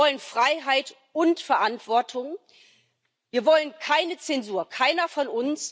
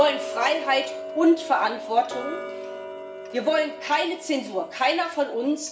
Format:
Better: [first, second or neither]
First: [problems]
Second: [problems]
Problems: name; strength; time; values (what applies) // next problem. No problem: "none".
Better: first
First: none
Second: background sound (Tick-tock); 11 dB below the speech // room echo; dies away in 0.7 s